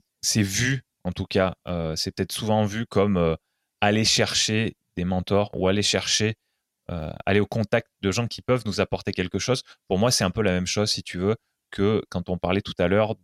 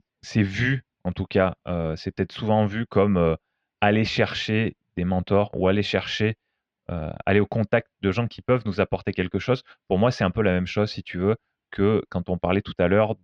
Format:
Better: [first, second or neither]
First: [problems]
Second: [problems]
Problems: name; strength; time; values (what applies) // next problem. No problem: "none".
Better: first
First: none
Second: muffled; very; fading above 3 kHz